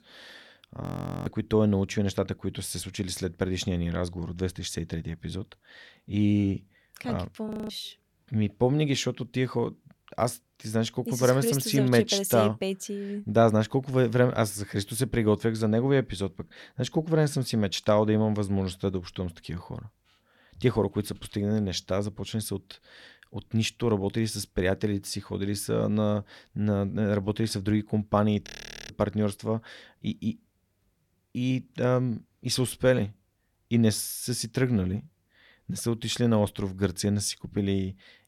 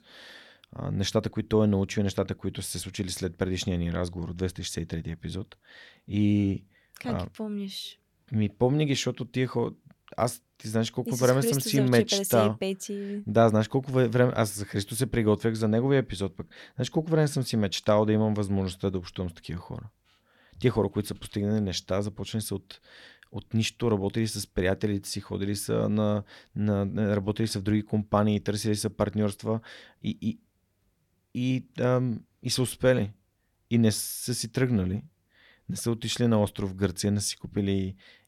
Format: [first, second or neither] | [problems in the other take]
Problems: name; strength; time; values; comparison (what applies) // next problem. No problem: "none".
second | audio freezing; at 1 s, at 7.5 s and at 28 s